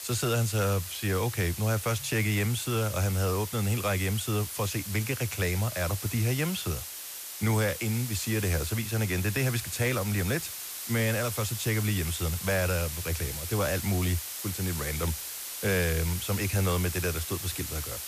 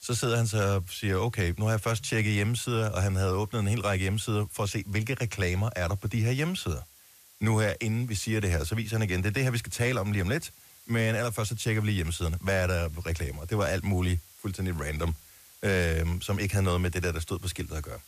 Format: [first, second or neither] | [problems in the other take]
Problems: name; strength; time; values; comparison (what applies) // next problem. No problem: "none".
second | hiss; loud; throughout; 6 dB below the speech; faint in the second